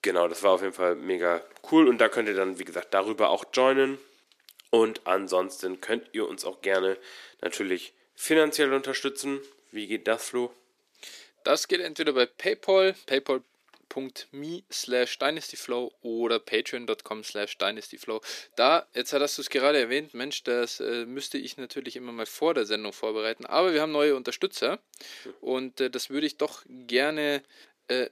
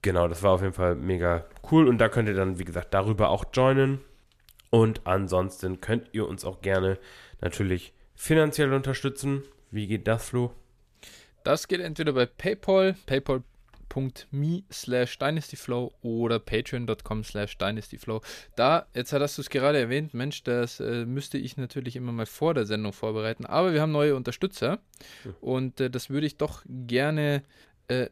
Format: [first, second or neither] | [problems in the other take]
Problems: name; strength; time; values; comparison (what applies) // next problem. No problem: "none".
second | thin; somewhat; fading below 300 Hz